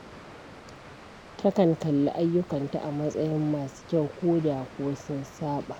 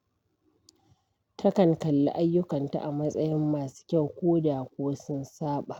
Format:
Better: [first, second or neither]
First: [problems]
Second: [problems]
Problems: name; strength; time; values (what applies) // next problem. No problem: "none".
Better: second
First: background sound (Water); 18 dB below the speech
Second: none